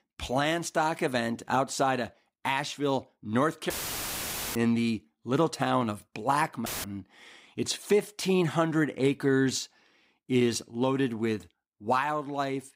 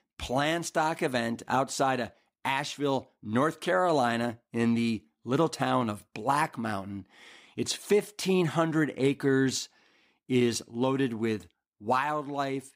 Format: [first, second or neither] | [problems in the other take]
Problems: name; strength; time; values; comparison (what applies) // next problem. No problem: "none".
second | audio cutting out; filled with static; at 3.5 s for 1 s and at 6.5 s